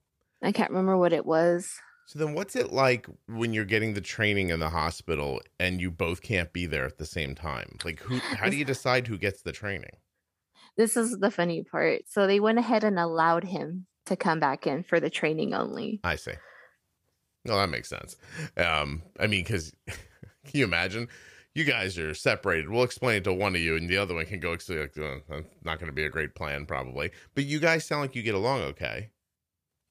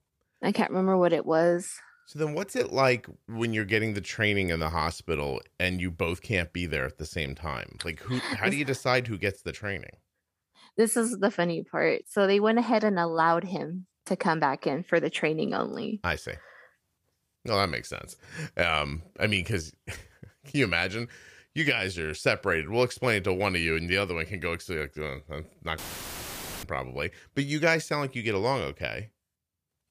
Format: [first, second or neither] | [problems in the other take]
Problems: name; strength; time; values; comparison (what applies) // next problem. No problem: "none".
first | audio cutting out; filled with static; at 26 s for 1 s